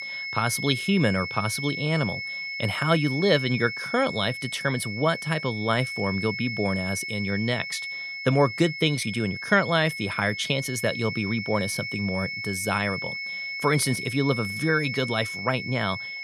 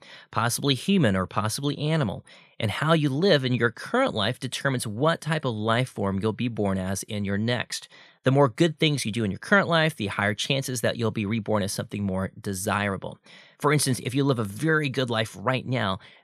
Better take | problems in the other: second | high-pitched whine; loud; throughout; 2 kHz, 5 dB below the speech

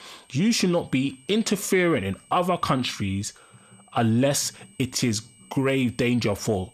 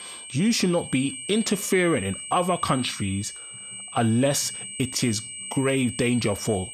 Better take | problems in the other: first | high-pitched whine; loud; throughout; 8 kHz, 10 dB below the speech; faint in the first

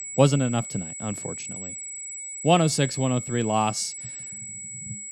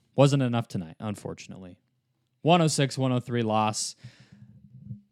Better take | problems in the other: second | high-pitched whine; loud; throughout; 8 kHz, 9 dB below the speech

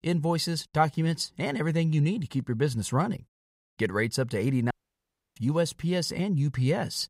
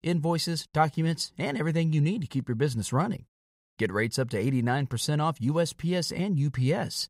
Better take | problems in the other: second | audio cutting out; at 4.5 s for 0.5 s

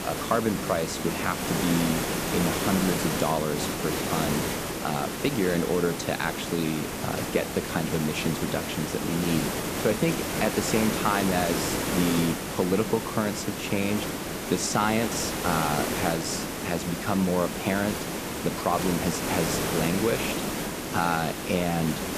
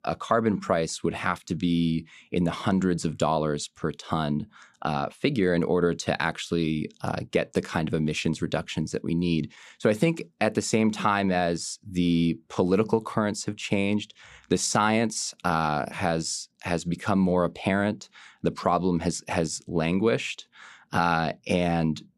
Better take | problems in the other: second | hiss; loud; throughout; 1 dB below the speech

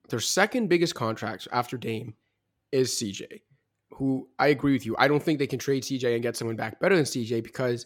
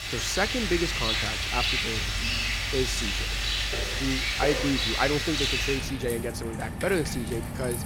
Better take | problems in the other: first | rain or running water; very loud; throughout; 3 dB above the speech

